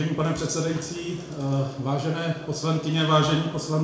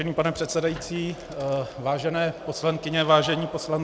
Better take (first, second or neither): second